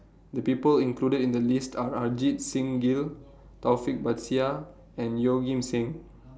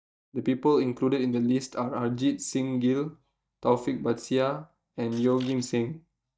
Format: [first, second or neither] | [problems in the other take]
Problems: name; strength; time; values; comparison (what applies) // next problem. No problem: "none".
first | noise reduction (neural mask model DeepFilterNet 3)